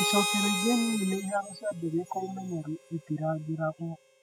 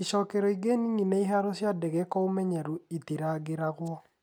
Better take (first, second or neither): second